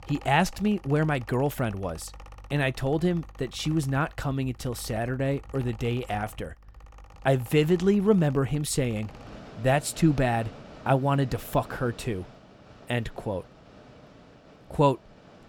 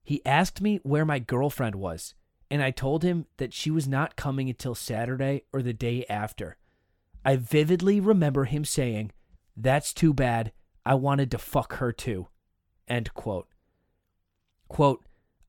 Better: second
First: machinery noise; faint; throughout; 20 dB below the speech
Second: none

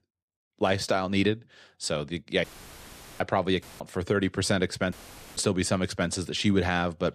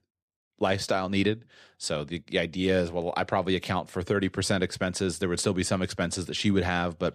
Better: second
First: audio cutting out; filled with static; at 2.5 s for 1 s, at 3.5 s and at 5 s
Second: none

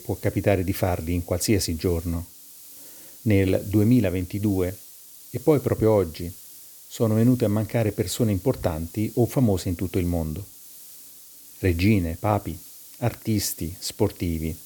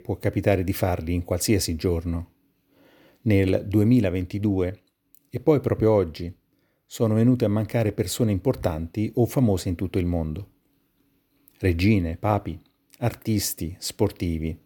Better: second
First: hiss; noticeable; throughout; 20 dB below the speech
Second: none

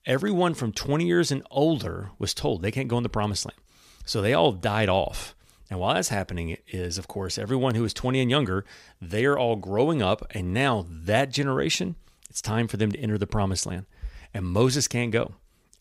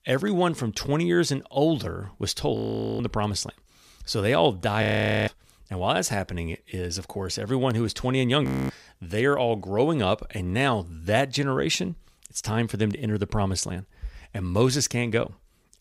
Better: first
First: none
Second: audio freezing; at 2.5 s, at 5 s and at 8.5 s

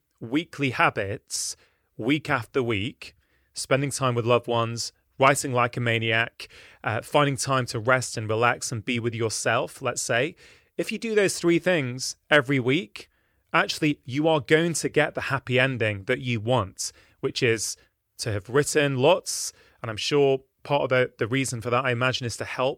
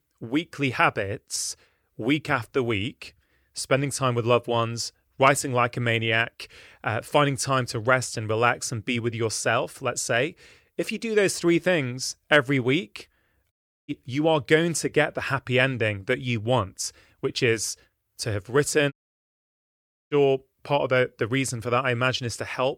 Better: first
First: none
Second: audio cutting out; at 14 s and at 19 s for 1 s

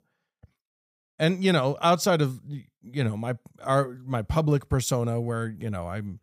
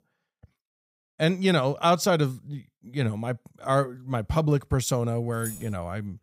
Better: first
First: none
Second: jangling keys; faint; at 5.5 s; peak 10 dB below the speech

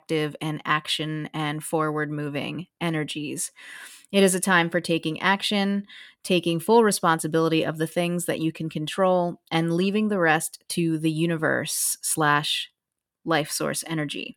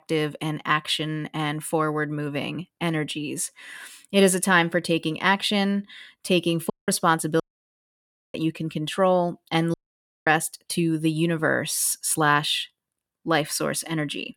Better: first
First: none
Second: audio cutting out; at 6.5 s, at 7.5 s for 1 s and at 9.5 s for 0.5 s

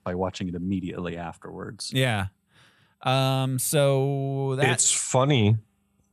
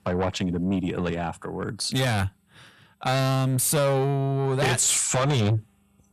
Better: first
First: none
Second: distortion; heavy; 6 dB below the speech

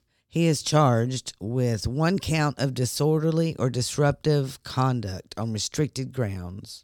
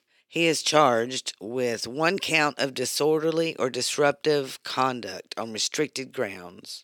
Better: first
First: none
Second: thin; somewhat; fading below 400 Hz

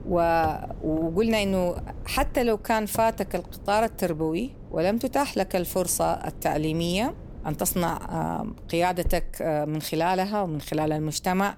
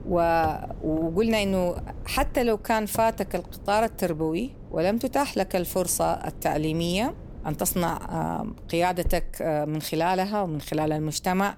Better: neither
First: wind noise on the microphone; occasional gusts; 25 dB below the speech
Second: wind noise on the microphone; occasional gusts; 25 dB below the speech

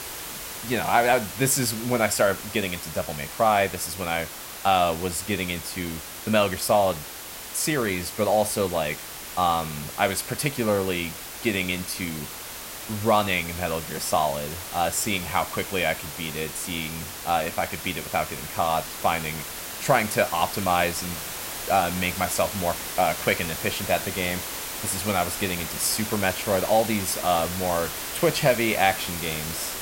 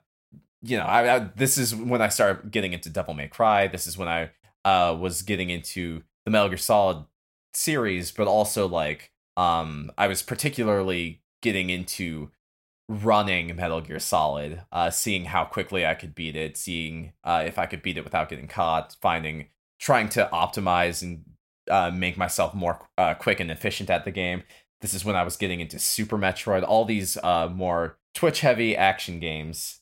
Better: second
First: hiss; loud; throughout; 7 dB below the speech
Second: none

